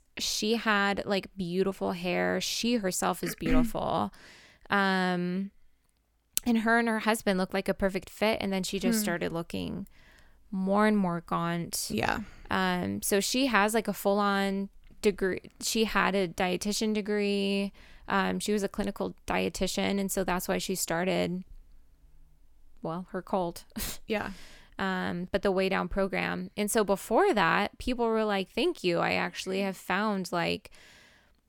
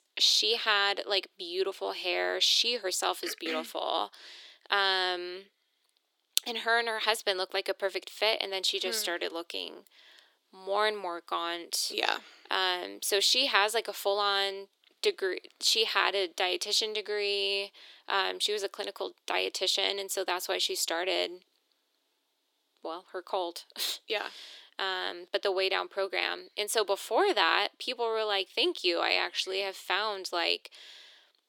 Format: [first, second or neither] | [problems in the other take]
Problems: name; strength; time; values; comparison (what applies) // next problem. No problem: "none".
first | thin; very; fading below 350 Hz